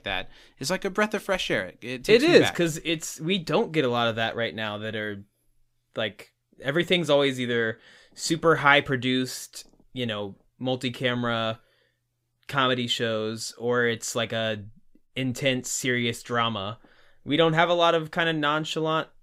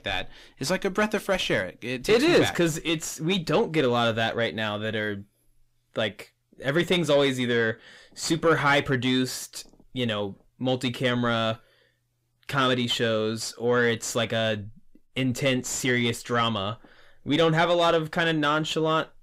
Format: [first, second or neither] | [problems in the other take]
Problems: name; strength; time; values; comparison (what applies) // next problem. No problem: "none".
first | distortion; slight; 10 dB below the speech